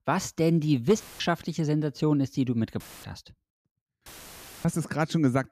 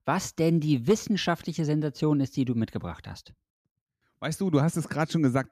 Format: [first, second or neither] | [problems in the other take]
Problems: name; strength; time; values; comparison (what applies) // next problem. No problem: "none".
second | audio cutting out; filled with static; at 1 s, at 3 s and at 4 s for 0.5 s